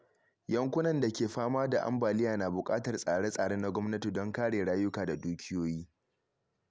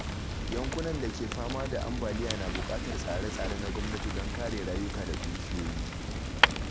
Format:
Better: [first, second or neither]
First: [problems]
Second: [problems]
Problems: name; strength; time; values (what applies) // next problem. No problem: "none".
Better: first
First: none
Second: background sound (Fire); 4 dB above the speech